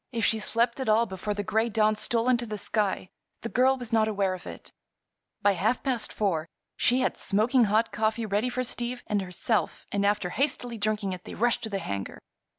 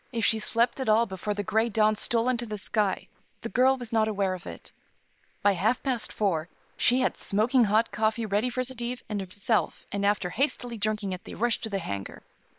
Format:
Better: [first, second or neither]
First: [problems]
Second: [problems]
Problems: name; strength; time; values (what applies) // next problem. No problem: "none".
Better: first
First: none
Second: noise reduction (neural separator model SepFormer WHAM!)